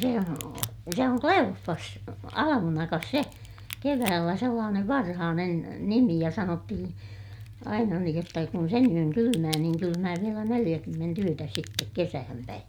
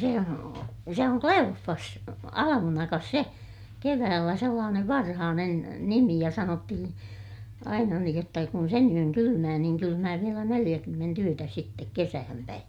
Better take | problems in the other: second | background sound (Crack); 18 dB below the speech

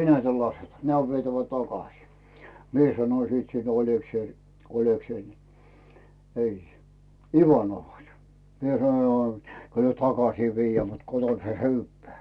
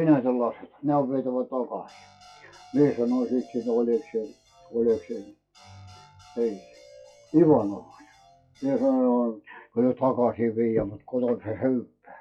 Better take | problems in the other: first | noise reduction (classical method log-MMSE)

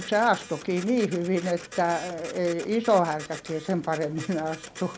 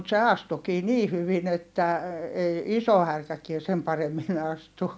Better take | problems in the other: second | background sound (Printer); 16 dB below the speech

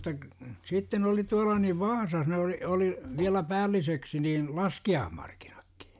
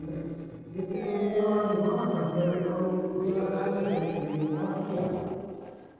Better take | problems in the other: first | noise reduction (neural separator model SepFormer DNS4)

